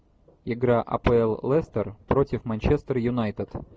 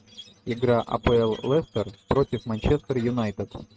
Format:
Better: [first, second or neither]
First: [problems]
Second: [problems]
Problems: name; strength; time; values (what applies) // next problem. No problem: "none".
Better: first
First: none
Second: noise reduction (neural mask model RNNoise)